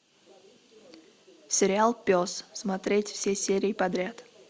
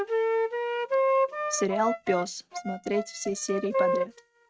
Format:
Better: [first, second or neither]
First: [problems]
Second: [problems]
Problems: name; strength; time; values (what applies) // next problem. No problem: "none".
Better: first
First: none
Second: noise reduction (neural mask model RNNoise)